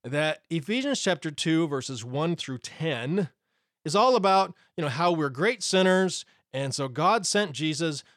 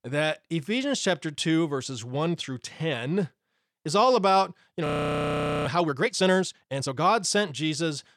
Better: first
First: none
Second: audio freezing; at 5 s for 1 s

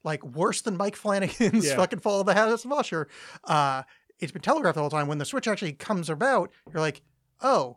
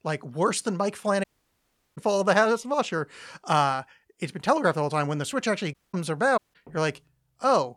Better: first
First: none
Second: audio cutting out; at 1 s for 0.5 s, at 5.5 s and at 6.5 s

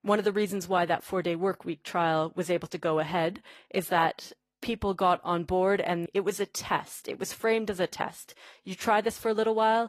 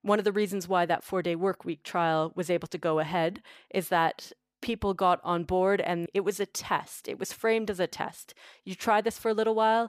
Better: second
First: garbled, watery; slightly; nothing above 15 kHz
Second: none

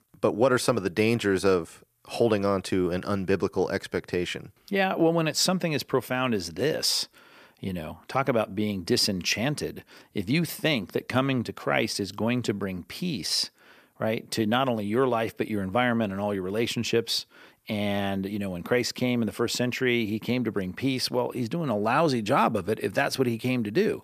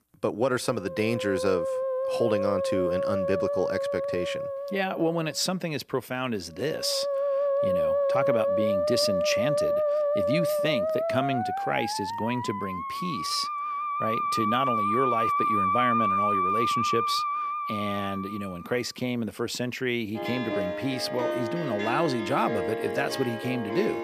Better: first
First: none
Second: background music; very loud; throughout; 2 dB above the speech

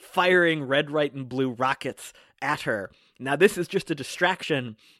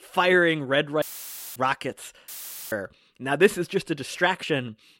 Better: first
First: none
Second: audio cutting out; filled with static; at 1 s for 0.5 s and at 2.5 s

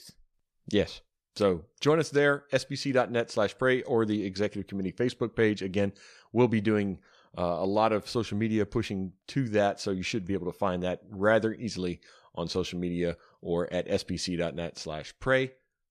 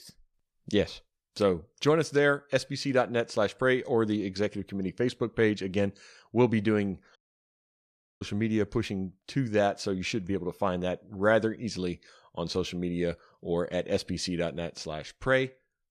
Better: first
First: none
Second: audio cutting out; at 7 s for 1 s

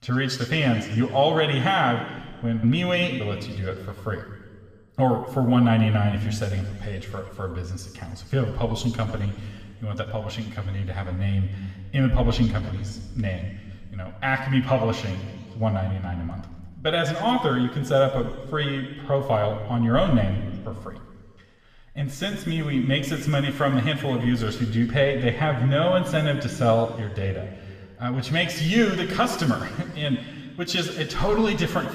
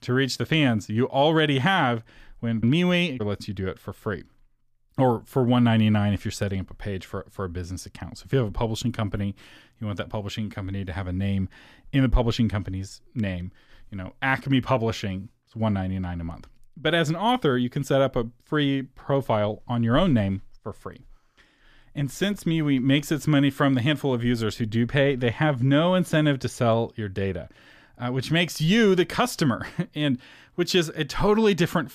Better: second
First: room echo; noticeable; dies away in 1.7 s // off-mic speech; somewhat distant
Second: none

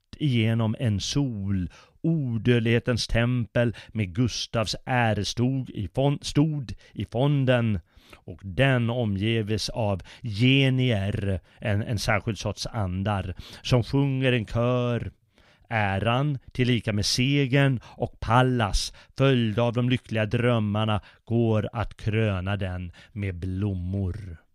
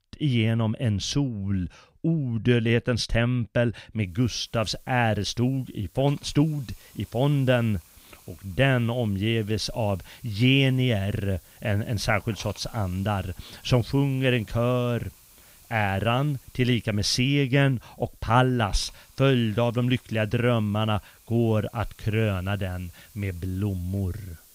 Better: first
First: none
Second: hiss; faint; from 4 s on; 25 dB below the speech

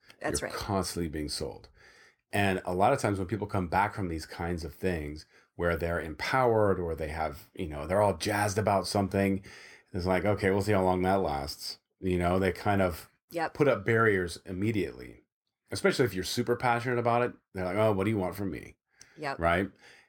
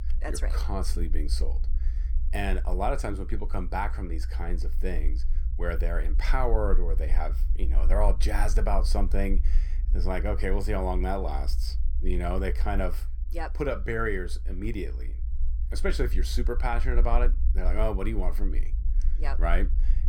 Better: first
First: none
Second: low rumble; noticeable; throughout; 20 dB below the speech

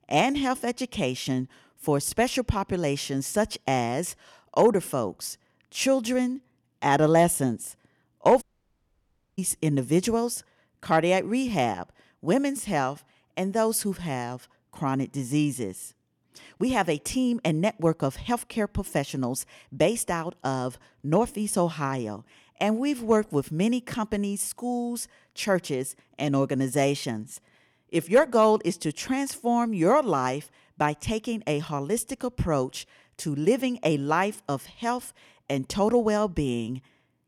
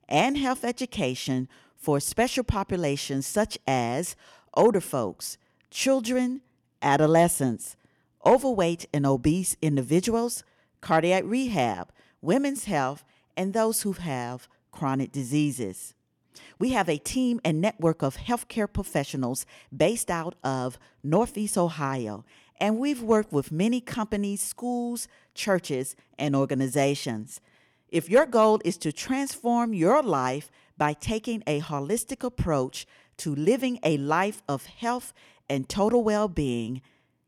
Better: second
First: audio cutting out; at 8.5 s for 1 s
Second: none

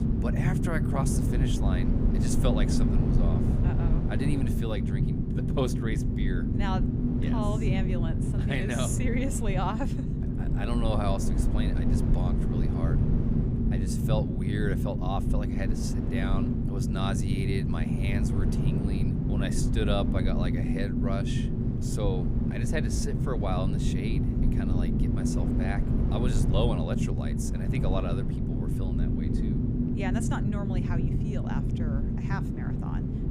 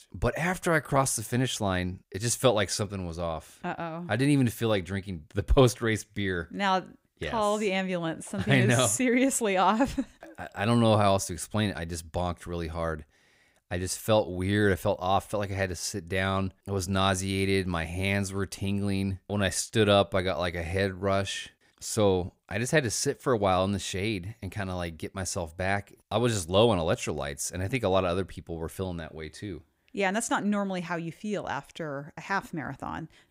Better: second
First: low rumble; loud; throughout; as loud as the speech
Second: none

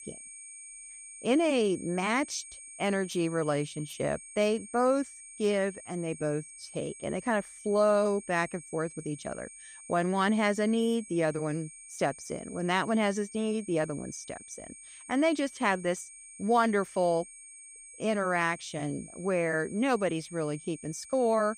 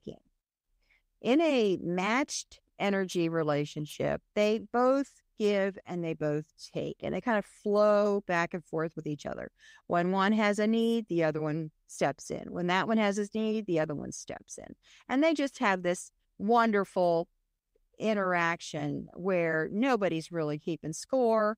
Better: second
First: high-pitched whine; noticeable; throughout; 8.5 kHz, 15 dB below the speech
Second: none

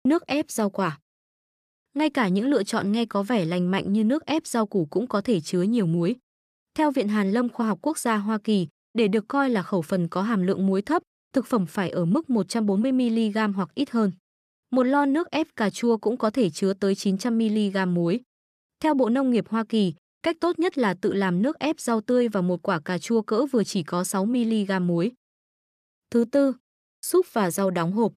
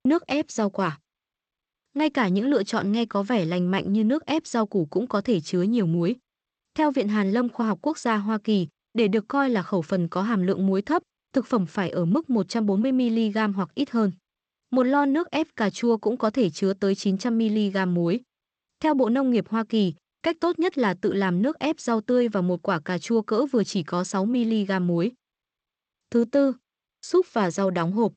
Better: first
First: none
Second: garbled, watery; slightly; nothing above 8 kHz

